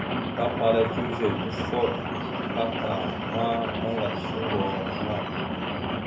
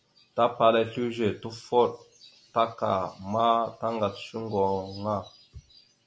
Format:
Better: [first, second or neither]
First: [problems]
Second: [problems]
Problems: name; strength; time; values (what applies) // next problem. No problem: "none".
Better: second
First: background sound (Rain); as loud as the speech // room echo; dies away in 0.3 s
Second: none